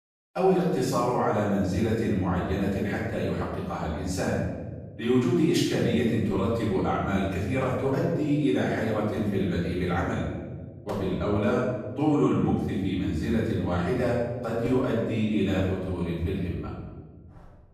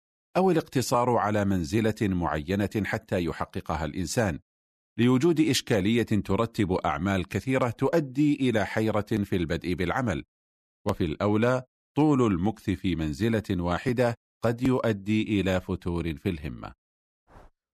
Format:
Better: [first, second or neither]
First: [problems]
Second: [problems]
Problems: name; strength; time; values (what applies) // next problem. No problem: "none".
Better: second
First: off-mic speech; far // room echo; strong; dies away in 1.4 s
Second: none